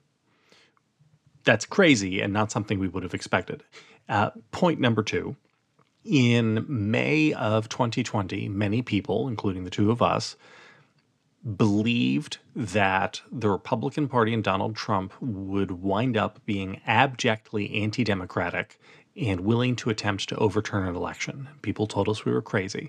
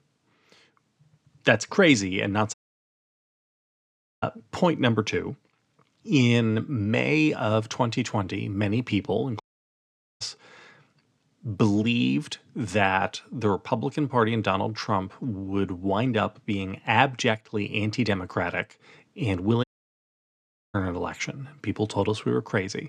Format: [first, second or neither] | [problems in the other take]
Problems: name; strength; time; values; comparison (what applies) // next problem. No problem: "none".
first | audio cutting out; at 2.5 s for 1.5 s, at 9.5 s for 1 s and at 20 s for 1 s